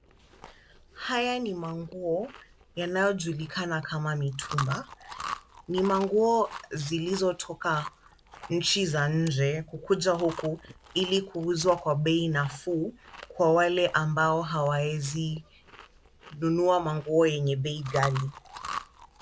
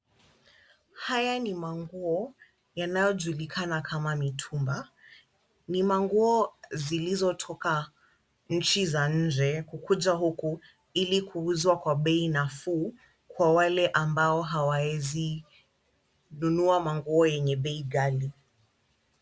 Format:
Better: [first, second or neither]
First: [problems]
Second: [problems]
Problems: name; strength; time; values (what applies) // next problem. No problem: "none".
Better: second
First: background sound (Chewing, mastication); 16 dB below the speech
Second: none